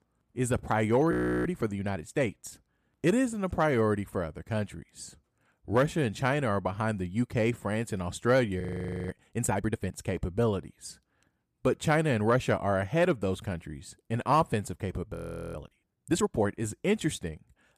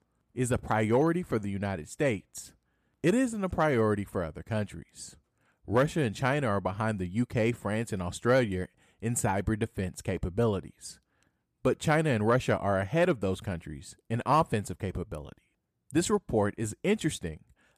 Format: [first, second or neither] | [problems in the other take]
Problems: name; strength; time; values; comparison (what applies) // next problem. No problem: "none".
second | audio freezing; at 1 s, at 8.5 s and at 15 s